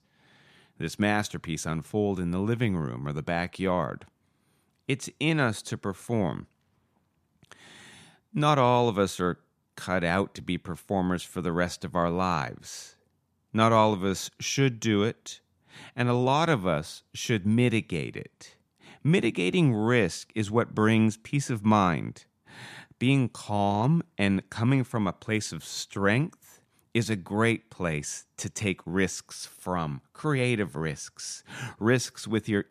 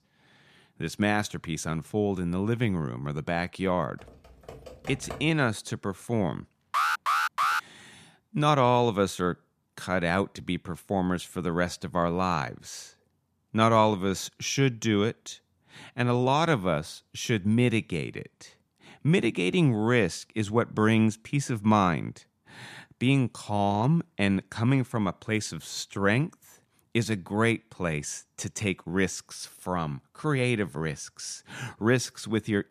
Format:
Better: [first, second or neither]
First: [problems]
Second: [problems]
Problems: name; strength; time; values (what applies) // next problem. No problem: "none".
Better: first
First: none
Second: keyboard typing; faint; from 4 to 5.5 s; peak 15 dB below the speech // alarm; loud; at 6.5 s; peak 2 dB above the speech